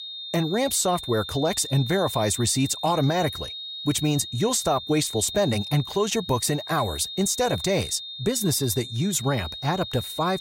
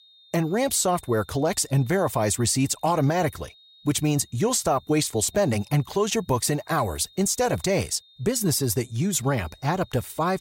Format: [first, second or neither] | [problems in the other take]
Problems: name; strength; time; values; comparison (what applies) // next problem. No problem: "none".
second | high-pitched whine; loud; throughout; 3.5 kHz, 9 dB below the speech; faint in the second